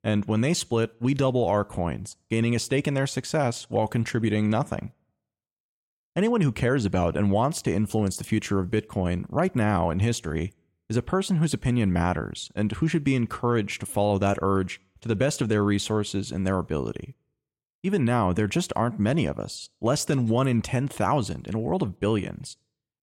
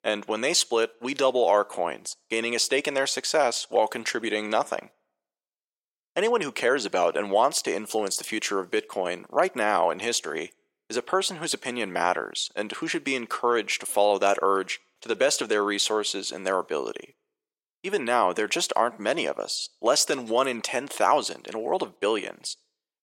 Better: first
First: none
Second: thin; very; fading below 400 Hz

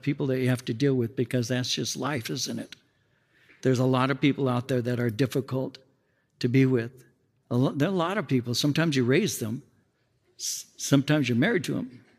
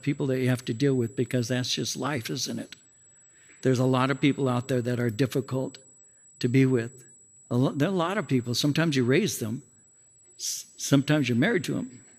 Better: first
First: none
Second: high-pitched whine; faint; throughout; 8 kHz, 25 dB below the speech

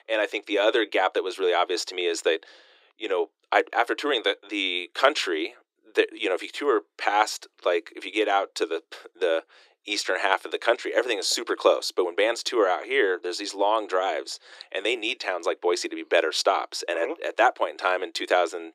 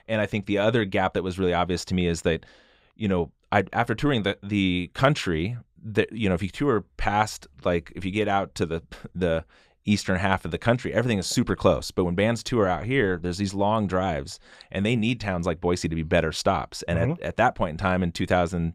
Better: second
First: thin; very; fading below 300 Hz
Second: none

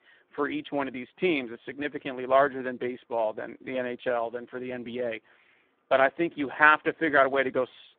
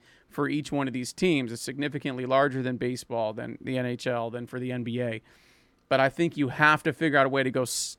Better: second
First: phone-call audio; poor line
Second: none

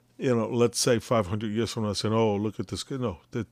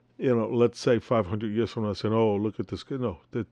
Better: first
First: none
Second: muffled; slightly; fading above 3 kHz

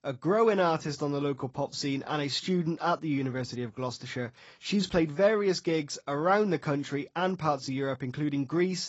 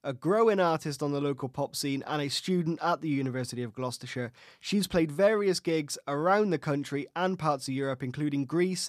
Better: second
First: garbled, watery; badly; nothing above 7.5 kHz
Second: none

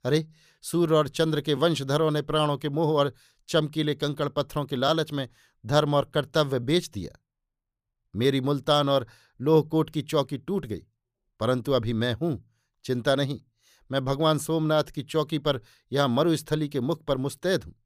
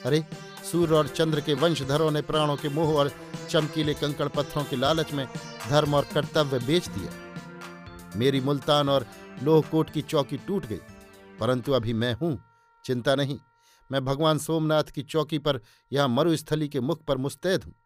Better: first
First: none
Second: background music; noticeable; throughout; 15 dB below the speech

